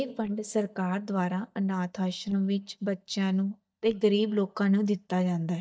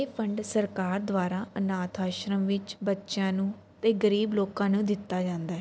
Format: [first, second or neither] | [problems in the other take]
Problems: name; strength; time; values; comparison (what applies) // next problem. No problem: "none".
second | noise reduction (neural mask model DeepFilterNet 3)